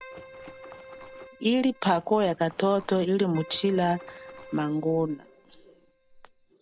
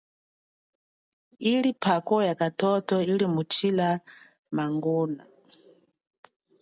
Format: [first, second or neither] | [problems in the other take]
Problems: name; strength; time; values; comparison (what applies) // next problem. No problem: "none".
second | background sound (Water / Splash, splatter + Keyboard (musical)); 19 dB below the speech